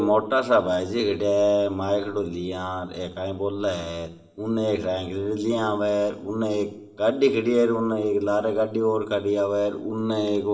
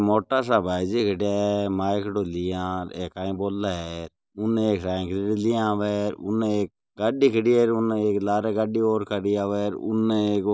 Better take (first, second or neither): second